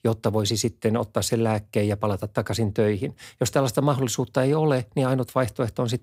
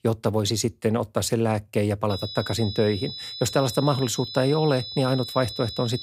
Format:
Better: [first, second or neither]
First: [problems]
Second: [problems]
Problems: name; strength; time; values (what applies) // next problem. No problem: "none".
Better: first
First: none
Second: high-pitched whine; loud; from 2 s on; 4 kHz, 9 dB below the speech